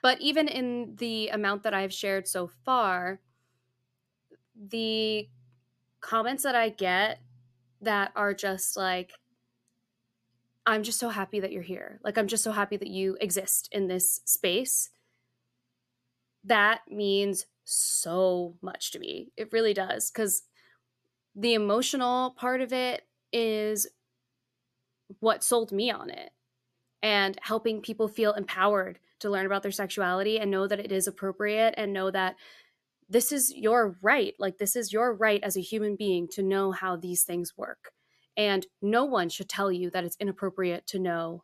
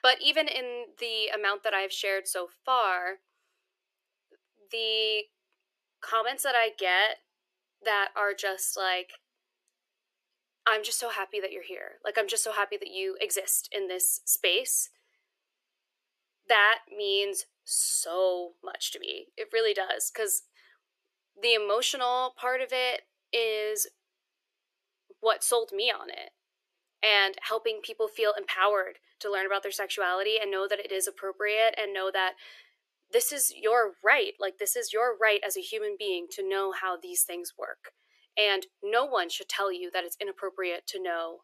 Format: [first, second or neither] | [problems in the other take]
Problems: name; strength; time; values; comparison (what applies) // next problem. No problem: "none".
first | thin; very; fading below 400 Hz